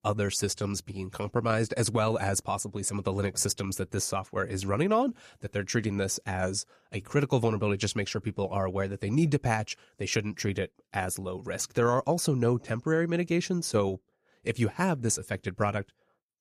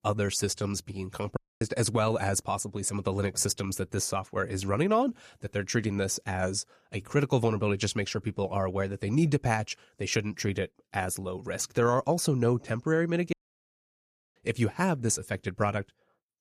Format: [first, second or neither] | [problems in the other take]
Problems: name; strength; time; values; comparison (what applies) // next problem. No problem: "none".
first | audio cutting out; at 1.5 s and at 13 s for 1 s